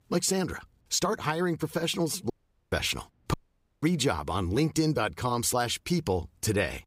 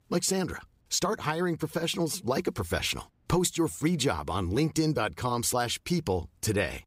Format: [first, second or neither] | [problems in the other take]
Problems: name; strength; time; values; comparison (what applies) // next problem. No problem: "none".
second | audio cutting out; at 2.5 s and at 3.5 s